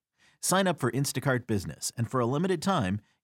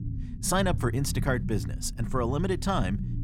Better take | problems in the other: first | low rumble; noticeable; throughout; 15 dB below the speech

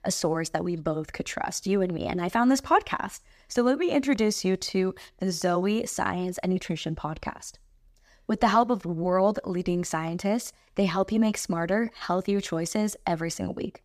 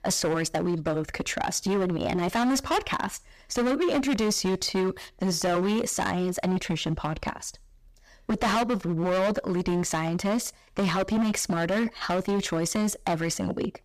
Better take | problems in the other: first | distortion; heavy; 17% of the sound clipped

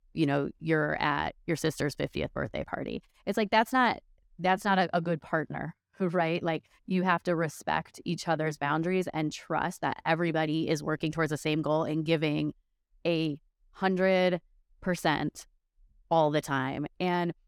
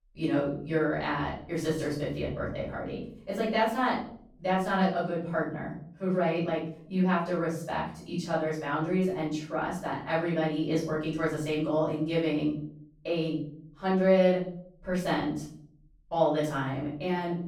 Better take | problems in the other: first | room echo; noticeable; dies away in 0.5 s // off-mic speech; far

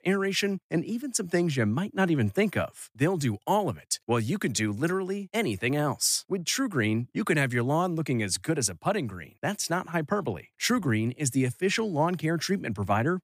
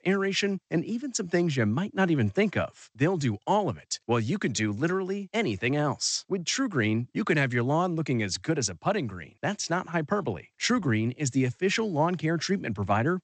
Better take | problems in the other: first | garbled, watery; slightly; nothing above 8 kHz

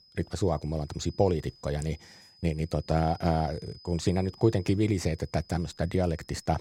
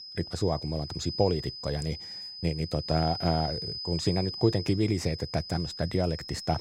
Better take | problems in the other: first | high-pitched whine; loud; throughout; 5 kHz, 7 dB below the speech; faint in the first

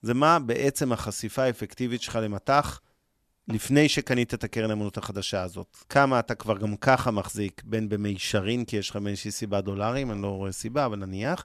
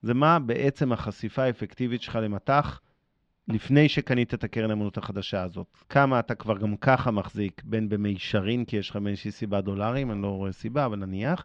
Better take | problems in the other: first | muffled; slightly; fading above 4 kHz

